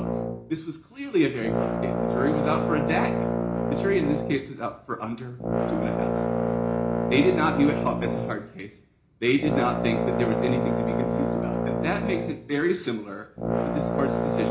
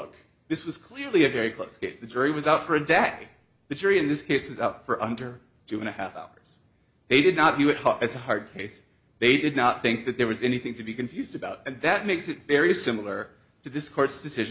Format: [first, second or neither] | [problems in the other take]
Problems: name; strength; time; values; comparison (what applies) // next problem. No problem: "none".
second | background sound (Brass instrument); 1 dB above the speech // room echo; dies away in 0.4 s